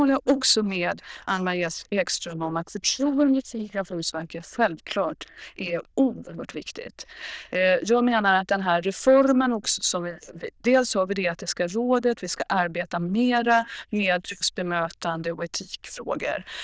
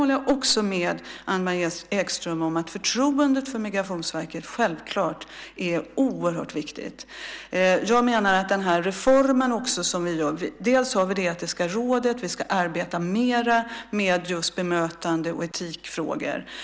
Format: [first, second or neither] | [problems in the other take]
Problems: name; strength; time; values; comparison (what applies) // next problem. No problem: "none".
second | noise reduction (neural diffusion model UNIVERSE++)